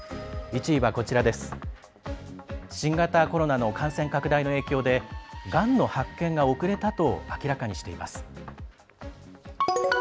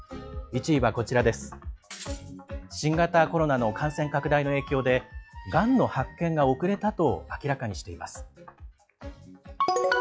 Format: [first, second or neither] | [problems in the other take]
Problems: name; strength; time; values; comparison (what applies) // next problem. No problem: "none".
first | noise reduction (classical method log-MMSE)